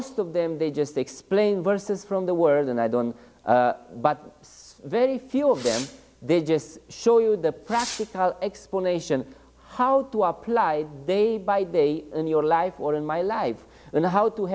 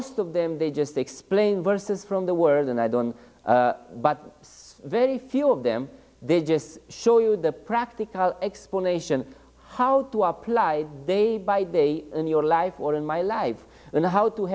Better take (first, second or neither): second